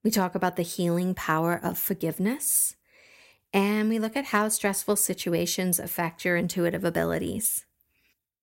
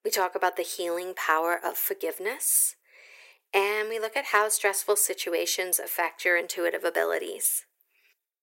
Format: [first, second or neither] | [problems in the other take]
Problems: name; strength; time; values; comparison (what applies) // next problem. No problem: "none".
first | thin; very; fading below 400 Hz